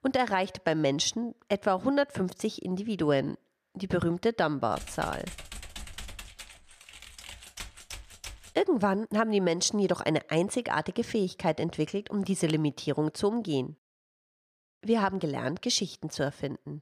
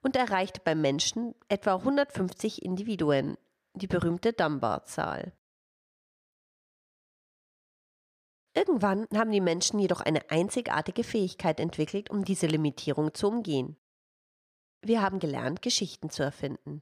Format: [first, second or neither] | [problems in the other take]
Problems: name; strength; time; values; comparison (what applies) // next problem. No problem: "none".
second | keyboard typing; faint; from 4.5 to 8.5 s; peak 10 dB below the speech